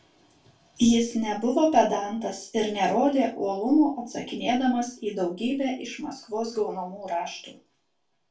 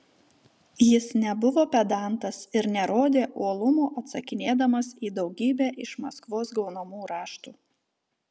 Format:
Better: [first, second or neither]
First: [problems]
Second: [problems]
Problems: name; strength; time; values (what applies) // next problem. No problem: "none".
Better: second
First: room echo; dies away in 0.2 s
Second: none